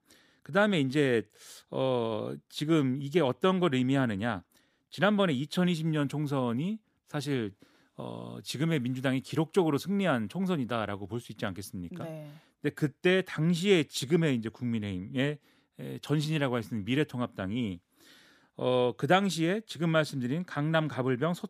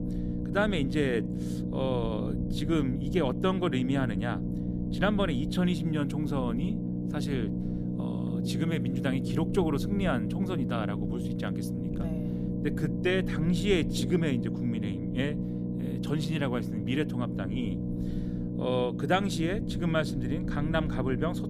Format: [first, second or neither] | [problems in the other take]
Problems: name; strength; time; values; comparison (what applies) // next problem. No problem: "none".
first | low rumble; loud; throughout; 6 dB below the speech